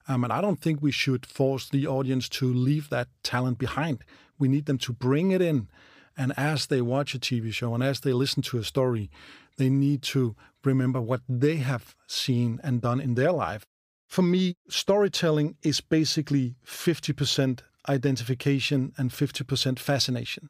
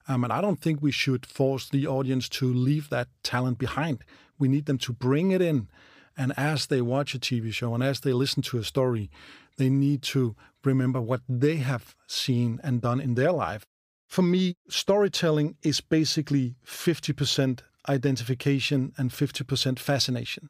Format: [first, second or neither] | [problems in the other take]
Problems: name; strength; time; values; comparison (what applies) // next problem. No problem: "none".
neither | none